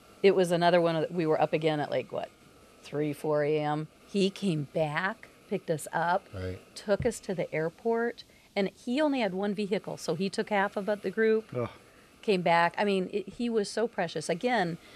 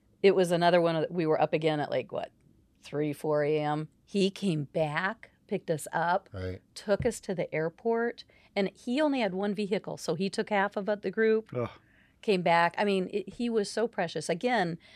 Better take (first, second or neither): second